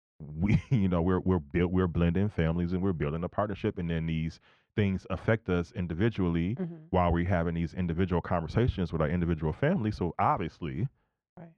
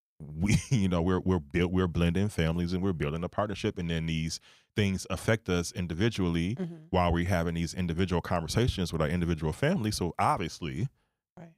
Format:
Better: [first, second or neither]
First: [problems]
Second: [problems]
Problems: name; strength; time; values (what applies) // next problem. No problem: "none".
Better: second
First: muffled; very; fading above 2 kHz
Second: none